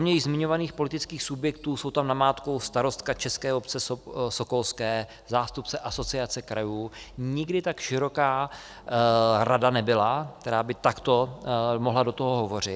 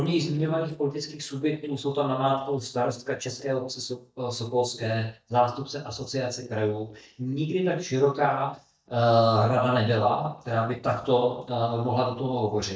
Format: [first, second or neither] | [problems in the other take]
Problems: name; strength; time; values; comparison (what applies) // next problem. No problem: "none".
first | noise reduction (neural mask model DeepFilterNet 3)